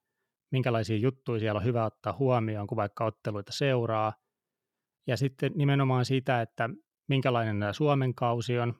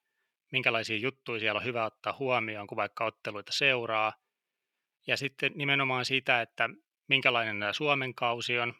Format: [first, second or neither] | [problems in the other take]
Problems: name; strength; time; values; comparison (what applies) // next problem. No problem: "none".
first | thin; somewhat; fading below 550 Hz